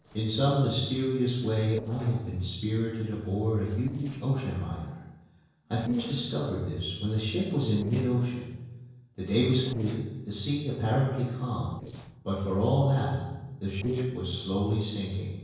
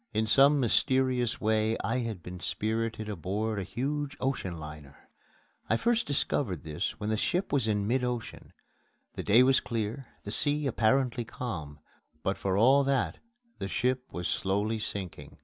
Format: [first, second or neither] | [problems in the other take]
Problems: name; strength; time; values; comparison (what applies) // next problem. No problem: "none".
second | noise reduction (neural separator model SepFormer DNS4)